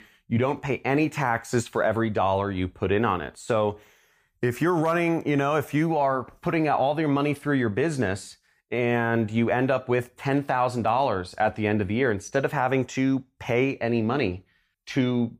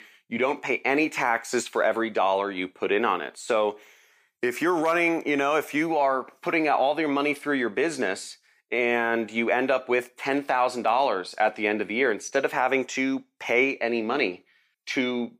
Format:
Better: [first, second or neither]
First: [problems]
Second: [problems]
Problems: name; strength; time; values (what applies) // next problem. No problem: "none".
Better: first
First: none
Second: thin; very slightly; fading below 300 Hz